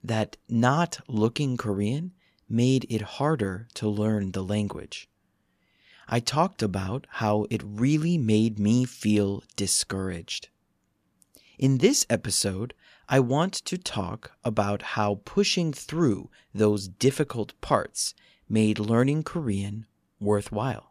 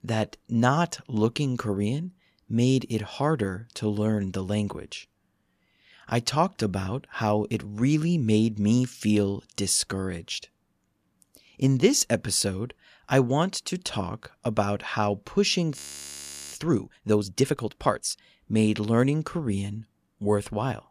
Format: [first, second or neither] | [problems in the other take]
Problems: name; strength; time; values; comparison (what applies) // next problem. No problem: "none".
first | audio freezing; at 16 s for 1 s